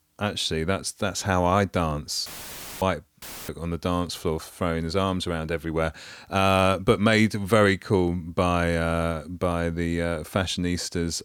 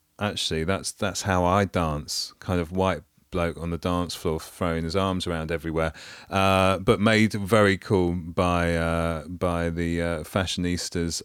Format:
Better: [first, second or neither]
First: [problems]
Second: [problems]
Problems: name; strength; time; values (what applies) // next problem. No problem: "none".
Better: second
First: audio cutting out; filled with static; at 2.5 s for 0.5 s and at 3 s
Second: none